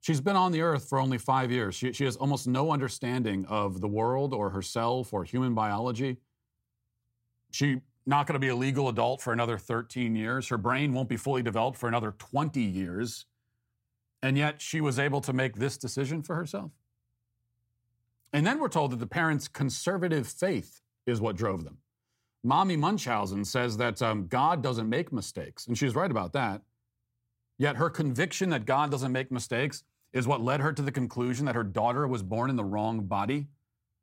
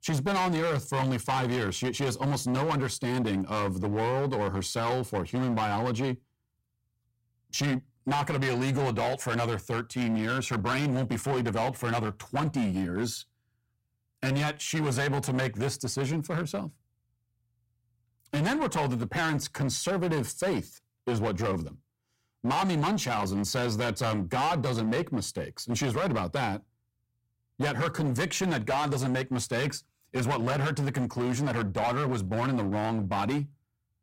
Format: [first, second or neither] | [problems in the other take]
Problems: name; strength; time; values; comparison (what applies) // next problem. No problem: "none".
first | distortion; heavy; 18% of the sound clipped